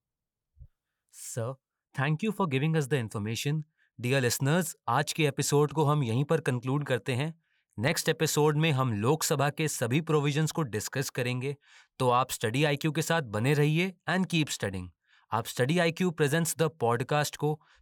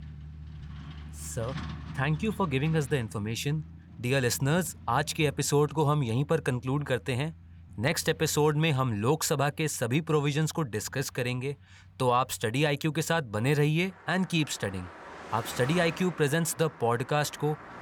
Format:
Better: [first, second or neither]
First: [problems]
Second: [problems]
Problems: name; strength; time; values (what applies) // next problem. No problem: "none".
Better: first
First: none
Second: traffic noise; noticeable; throughout; 15 dB below the speech